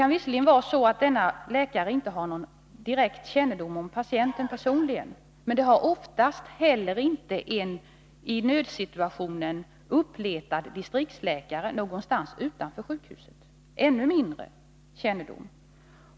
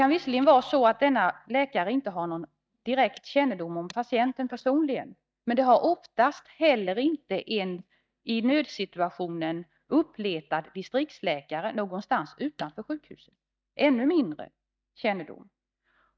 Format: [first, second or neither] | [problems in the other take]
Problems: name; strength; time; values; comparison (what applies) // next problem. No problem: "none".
first | noise reduction (neural mask model DeepFilterNet 3)